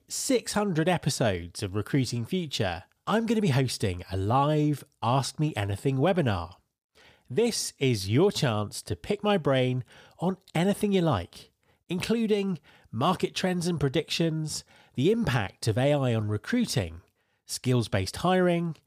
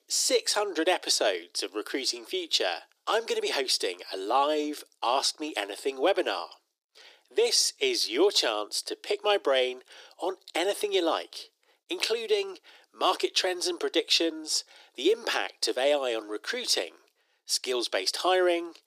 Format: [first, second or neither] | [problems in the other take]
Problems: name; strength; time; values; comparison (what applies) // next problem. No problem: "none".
first | thin; very; fading below 300 Hz